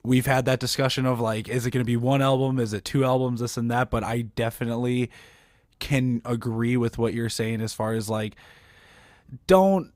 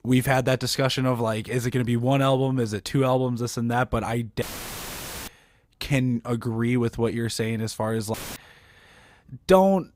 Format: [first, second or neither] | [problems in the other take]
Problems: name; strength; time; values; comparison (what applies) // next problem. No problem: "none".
first | audio cutting out; filled with static; at 4.5 s for 1 s and at 8 s